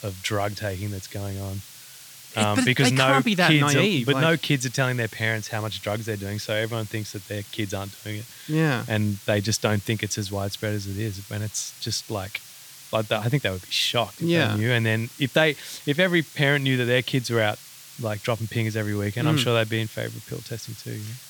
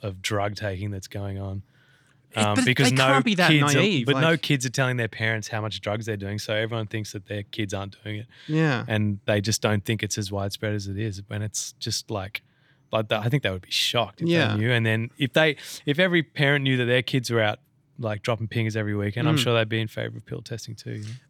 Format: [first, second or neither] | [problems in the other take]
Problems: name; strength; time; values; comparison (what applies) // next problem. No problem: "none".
second | hiss; noticeable; throughout; 20 dB below the speech